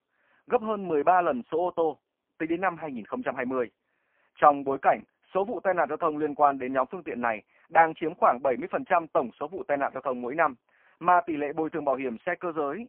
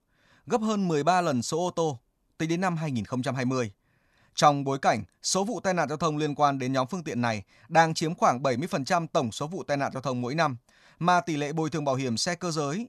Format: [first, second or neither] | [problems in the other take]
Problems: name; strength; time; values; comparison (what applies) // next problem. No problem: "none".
second | phone-call audio; poor line